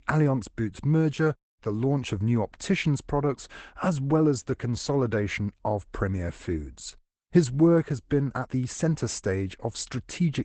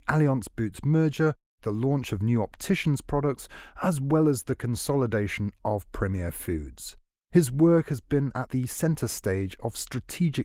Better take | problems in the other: second | garbled, watery; badly; nothing above 8 kHz; slightly in the second

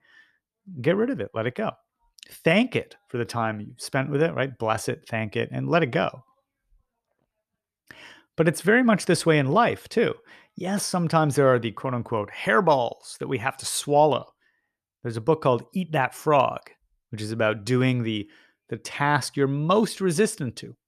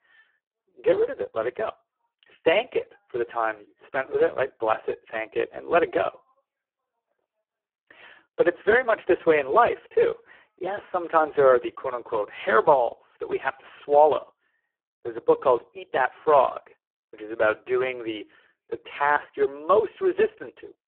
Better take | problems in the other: first | phone-call audio; poor line

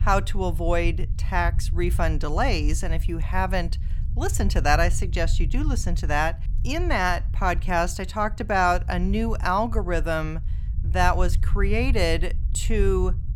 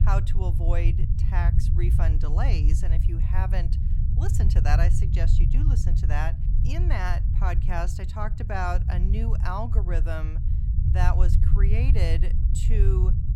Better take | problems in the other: first | low rumble; loud; throughout; 6 dB below the speech; faint in the first

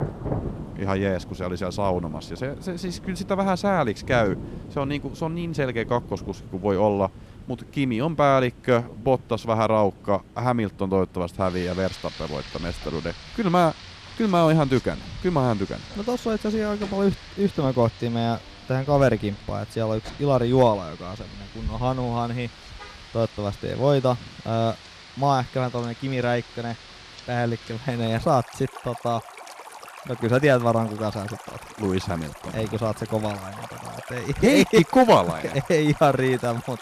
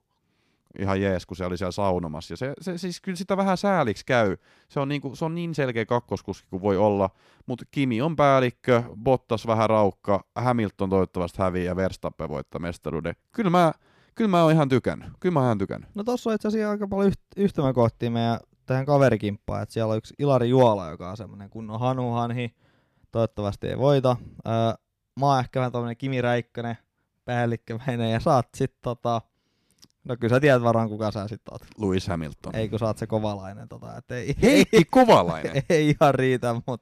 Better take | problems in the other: second | rain or running water; noticeable; throughout; 15 dB below the speech

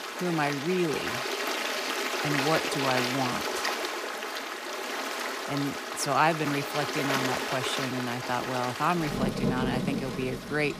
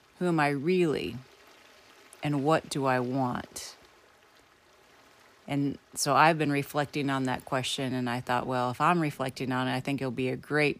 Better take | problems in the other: second | rain or running water; loud; throughout; 1 dB below the speech; faint in the second

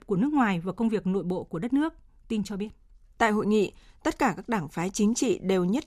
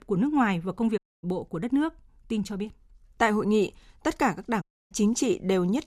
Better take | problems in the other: first | audio cutting out; at 1 s and at 4.5 s

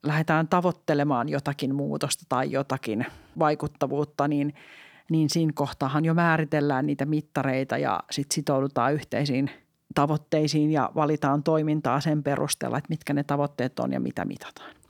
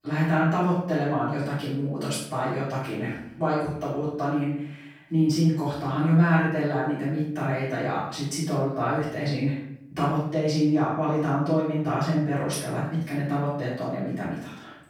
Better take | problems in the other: first | off-mic speech; far // room echo; strong; dies away in 0.6 s

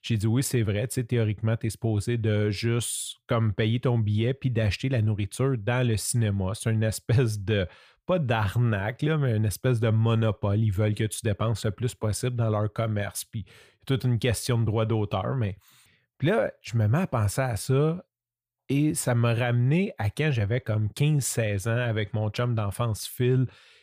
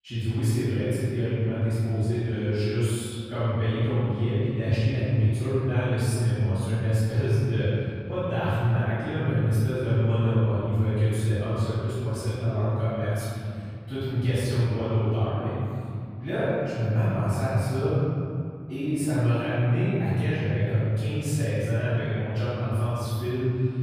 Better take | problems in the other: first | off-mic speech; far // room echo; strong; dies away in 2.5 s

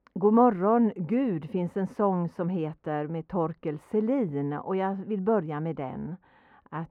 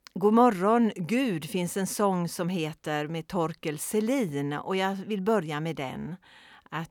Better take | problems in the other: second | muffled; very; fading above 3 kHz

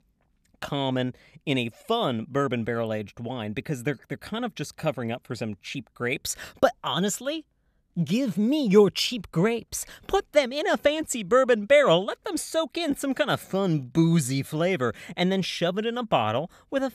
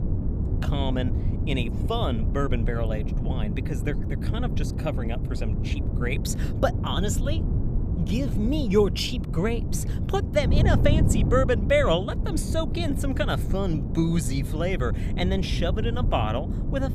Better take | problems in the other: first | wind noise on the microphone; heavy; 9 dB below the speech

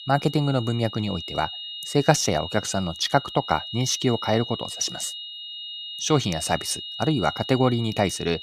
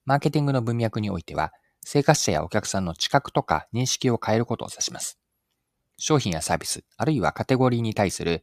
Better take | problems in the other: second | high-pitched whine; loud; throughout; 3 kHz, 9 dB below the speech

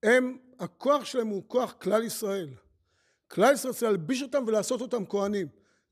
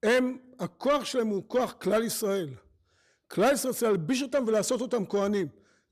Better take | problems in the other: first | distortion; slight; 10 dB below the speech

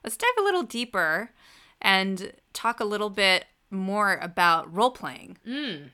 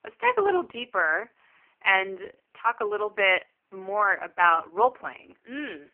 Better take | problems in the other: first | phone-call audio; poor line; nothing above 3 kHz

